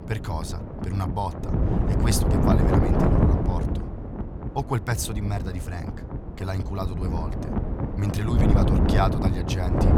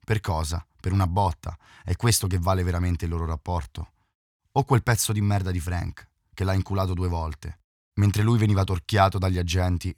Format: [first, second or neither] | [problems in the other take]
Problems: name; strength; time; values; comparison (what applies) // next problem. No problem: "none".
second | wind noise on the microphone; heavy; as loud as the speech